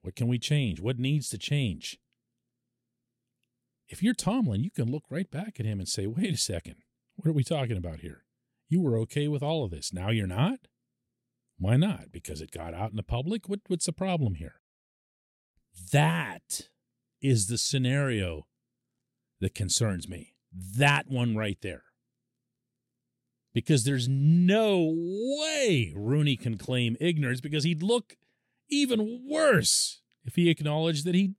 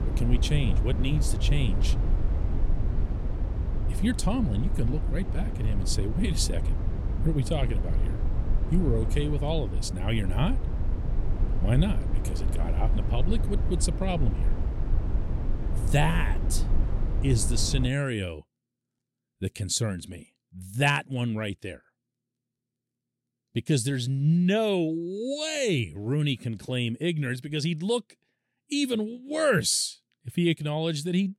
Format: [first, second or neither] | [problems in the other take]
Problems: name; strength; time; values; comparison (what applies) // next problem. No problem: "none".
first | low rumble; noticeable; until 18 s; 10 dB below the speech